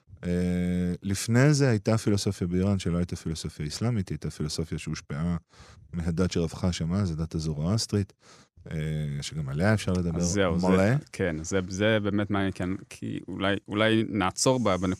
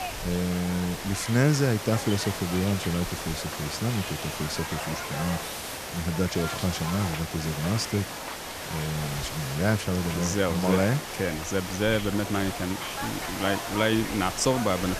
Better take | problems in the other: first | hiss; loud; throughout; 5 dB below the speech

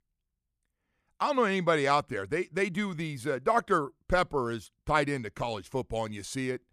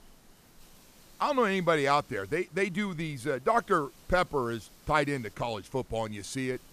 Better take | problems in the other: first | hiss; faint; throughout; 25 dB below the speech

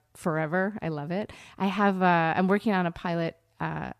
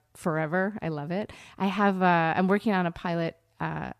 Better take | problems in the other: neither | none

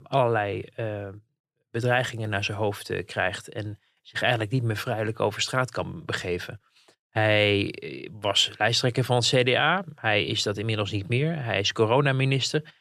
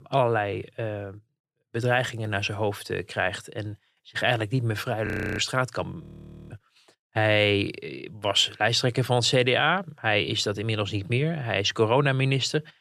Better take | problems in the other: first | audio freezing; at 5 s and at 6 s

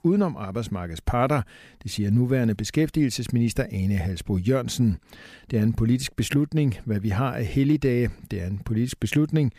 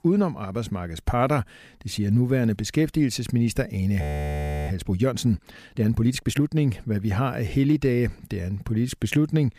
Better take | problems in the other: first | audio freezing; at 4 s for 0.5 s

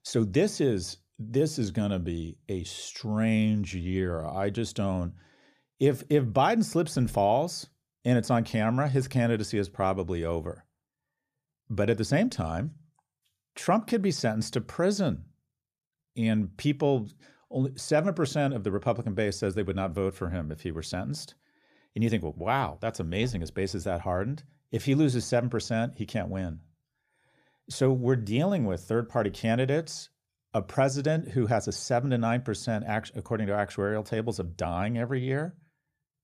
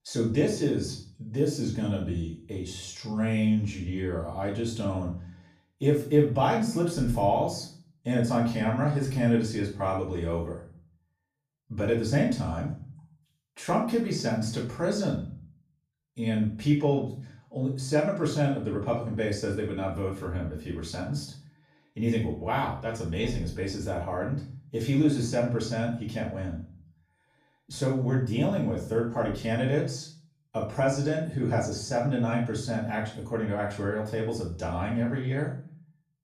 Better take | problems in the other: first | off-mic speech; far // room echo; noticeable; dies away in 0.4 s

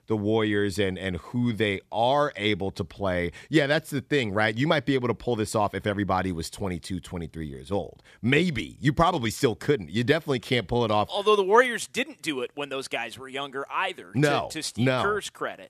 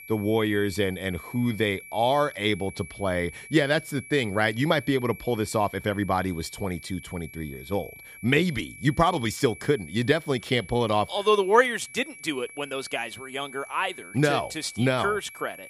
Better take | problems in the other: first | high-pitched whine; noticeable; throughout; 2.5 kHz, 15 dB below the speech

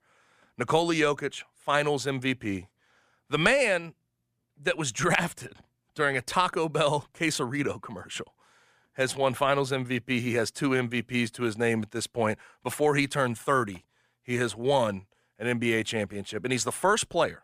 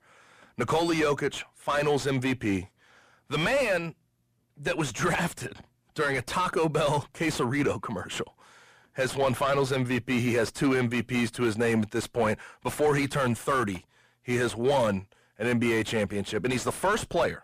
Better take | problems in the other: first | distortion; heavy; 6 dB below the speech

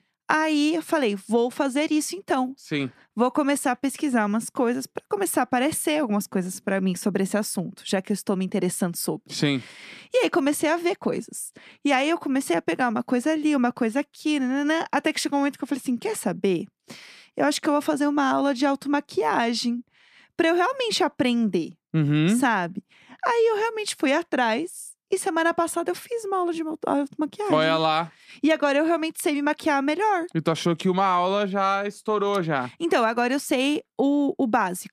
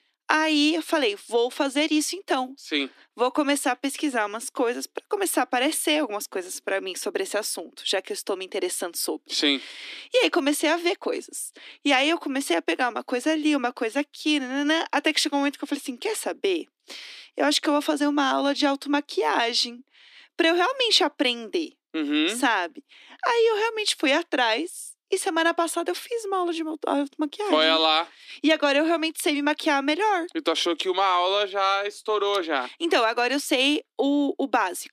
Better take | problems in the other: first | thin; very slightly; fading below 300 Hz

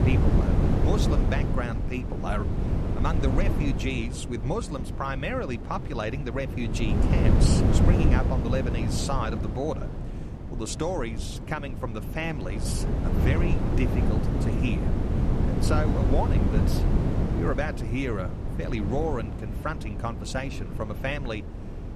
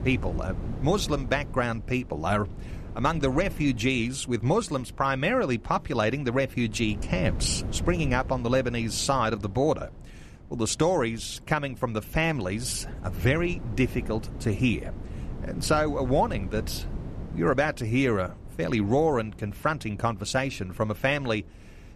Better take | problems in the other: second | wind noise on the microphone; heavy; 3 dB below the speech; occasional gusts in the second

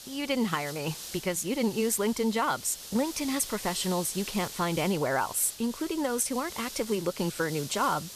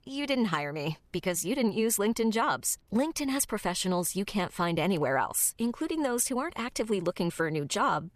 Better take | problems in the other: second | hiss; noticeable; throughout; 10 dB below the speech

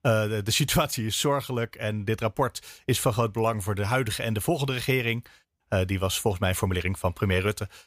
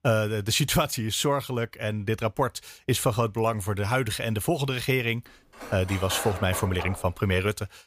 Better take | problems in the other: first | clattering dishes; noticeable; from 5.5 to 7 s; peak 7 dB below the speech

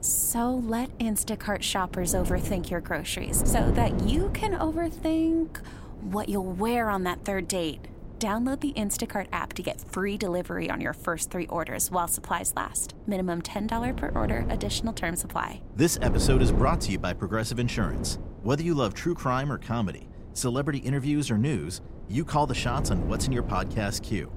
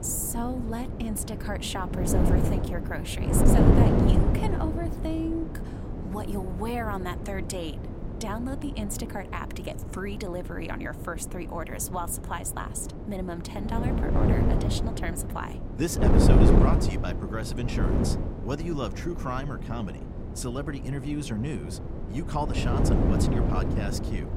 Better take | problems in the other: first | wind noise on the microphone; heavy; 1 dB above the speech; occasional gusts in the first

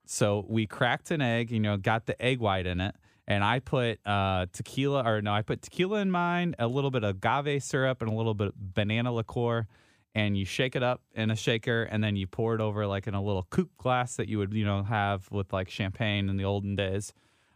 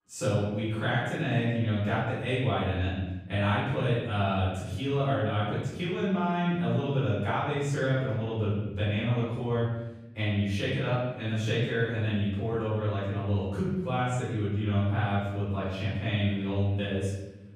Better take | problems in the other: first | off-mic speech; far // room echo; strong; dies away in 1.1 s

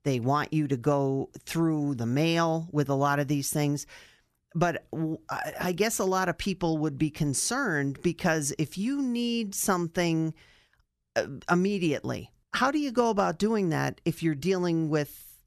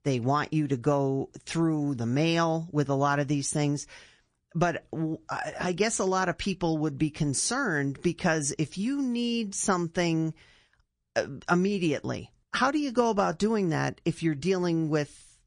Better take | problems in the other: first | garbled, watery; slightly; nothing above 9 kHz

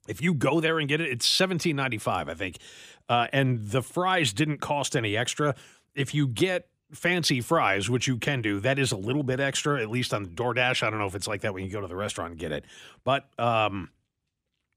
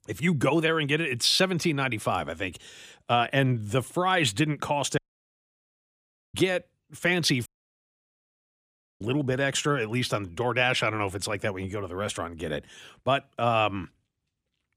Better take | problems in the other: first | audio cutting out; at 5 s for 1.5 s and at 7.5 s for 1.5 s

